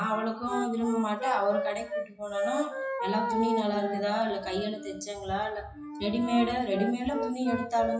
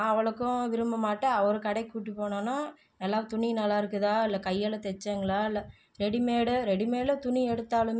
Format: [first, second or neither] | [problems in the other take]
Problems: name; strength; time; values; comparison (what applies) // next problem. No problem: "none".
second | noise reduction (classical method WPE with log-MMSE)